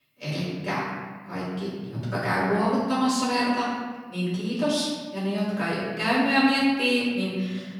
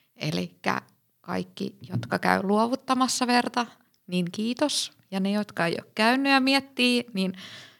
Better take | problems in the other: second | room echo; noticeable; dies away in 1.3 s // off-mic speech; far

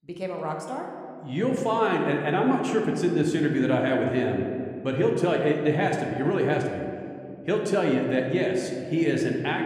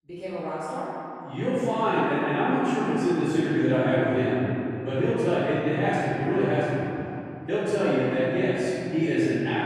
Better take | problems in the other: first | room echo; strong; dies away in 3 s; slight in the first // off-mic speech; far

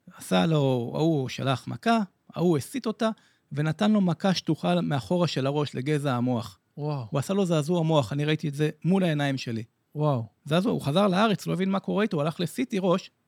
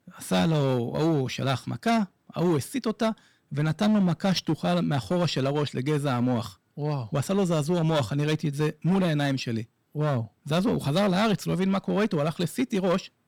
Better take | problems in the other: first | distortion; slight; 9% of the sound clipped

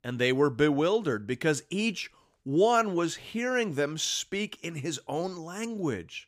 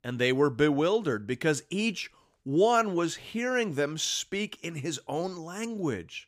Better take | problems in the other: neither | none

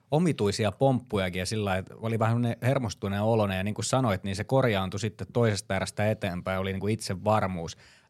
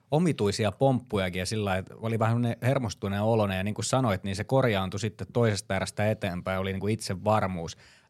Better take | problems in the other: neither | none

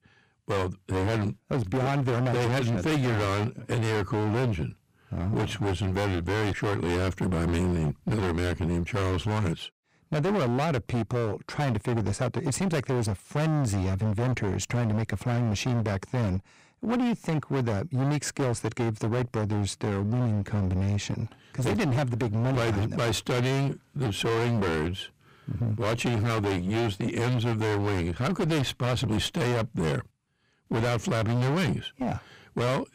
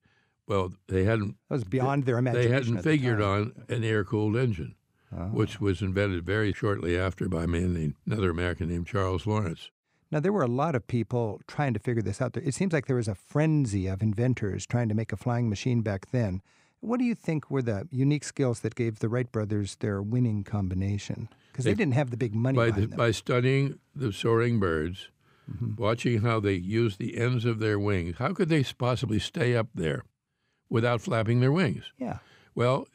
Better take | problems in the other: second | distortion; heavy; 34% of the sound clipped

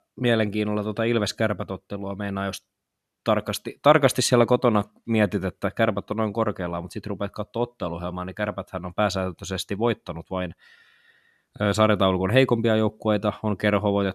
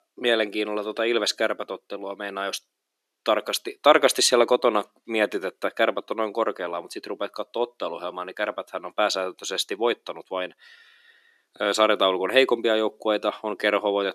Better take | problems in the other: first | thin; somewhat; fading below 350 Hz

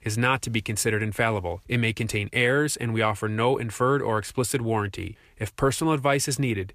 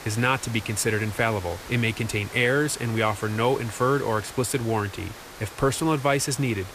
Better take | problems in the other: first | hiss; noticeable; throughout; 15 dB below the speech

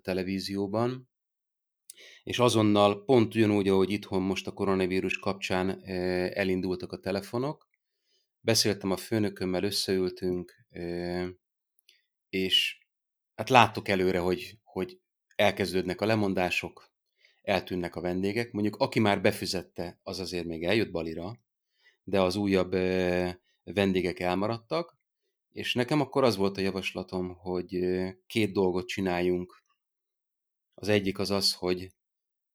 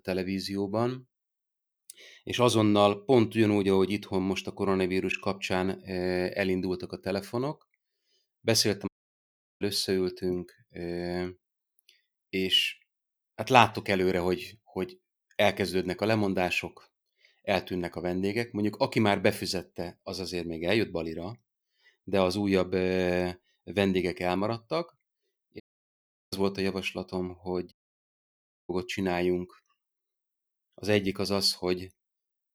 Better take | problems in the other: first | audio cutting out; at 9 s for 0.5 s, at 26 s for 0.5 s and at 28 s for 1 s

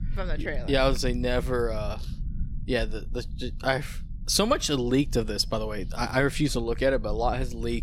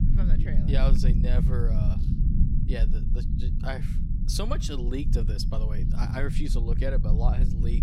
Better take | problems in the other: first | low rumble; loud; throughout; 4 dB below the speech; faint in the first

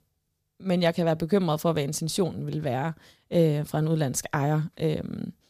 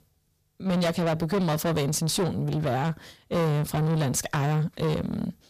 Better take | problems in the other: first | distortion; heavy; 7 dB below the speech

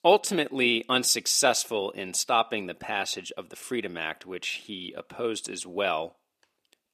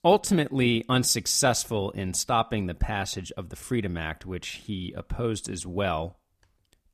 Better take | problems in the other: second | thin; somewhat; fading below 400 Hz

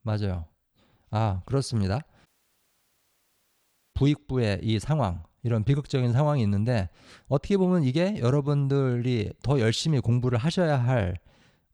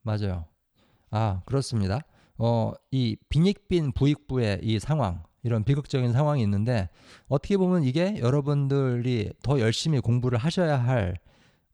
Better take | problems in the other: second | audio cutting out; at 2.5 s for 1.5 s

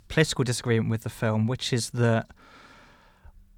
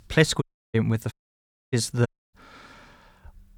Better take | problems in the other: first | audio cutting out; at 0.5 s, at 1 s for 0.5 s and at 2 s

